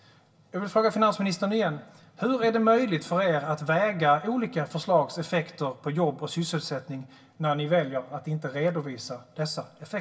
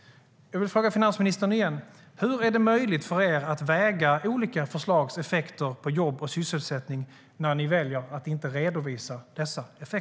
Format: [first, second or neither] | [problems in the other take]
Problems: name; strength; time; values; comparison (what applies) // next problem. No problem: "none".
second | room echo; dies away in 0.2 s